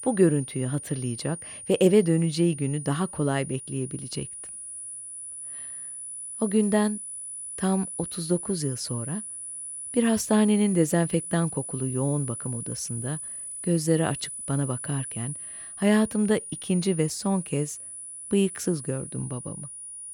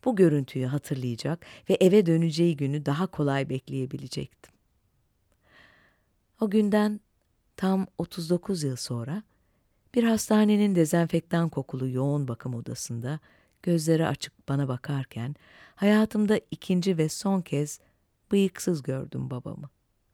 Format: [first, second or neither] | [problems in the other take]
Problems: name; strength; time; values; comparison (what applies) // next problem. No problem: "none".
second | high-pitched whine; loud; throughout; 10 kHz, 8 dB below the speech